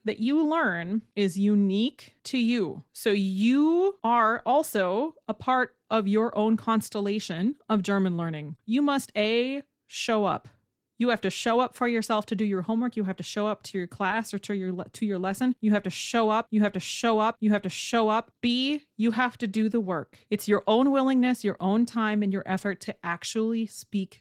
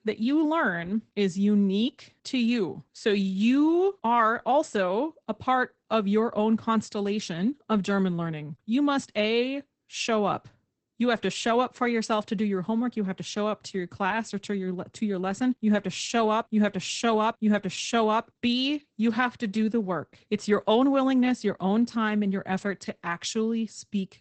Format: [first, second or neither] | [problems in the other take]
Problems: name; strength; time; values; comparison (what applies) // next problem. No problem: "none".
first | garbled, watery; badly; nothing above 8 kHz; slightly in the first